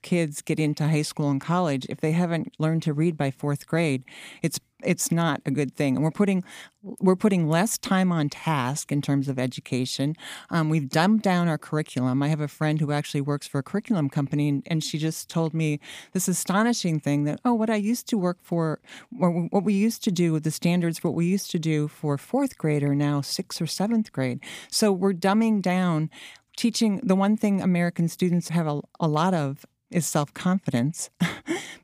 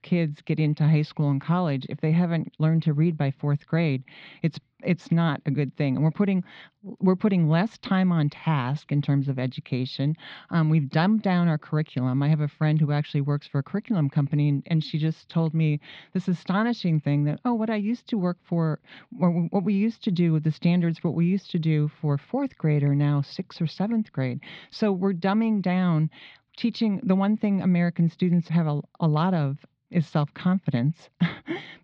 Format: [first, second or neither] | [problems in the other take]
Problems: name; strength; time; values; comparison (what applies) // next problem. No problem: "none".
first | muffled; slightly; fading above 4.5 kHz